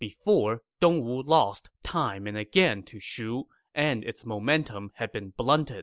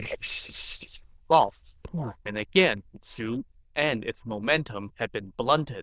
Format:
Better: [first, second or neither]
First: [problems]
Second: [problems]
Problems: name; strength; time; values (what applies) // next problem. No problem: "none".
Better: first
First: none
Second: noise reduction (neural diffusion model UNIVERSE++)